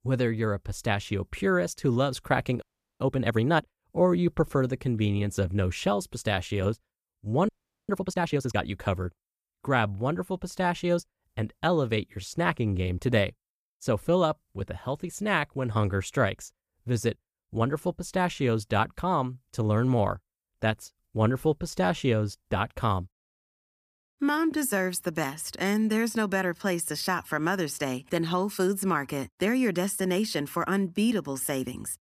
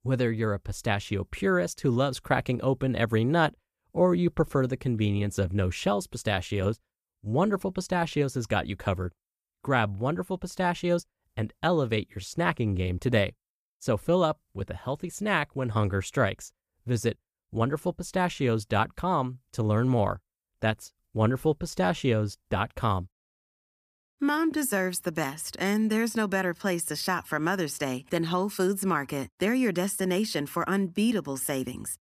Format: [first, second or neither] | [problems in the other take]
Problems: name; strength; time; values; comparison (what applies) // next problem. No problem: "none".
second | audio freezing; at 2.5 s and at 7.5 s